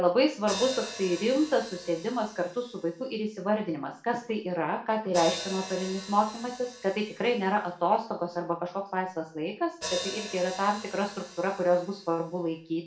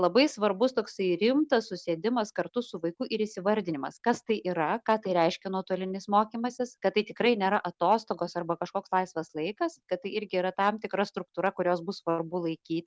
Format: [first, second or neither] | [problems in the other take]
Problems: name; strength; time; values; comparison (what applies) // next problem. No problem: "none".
second | background sound (Hi-hat); 14 dB below the speech // room echo; dies away in 0.4 s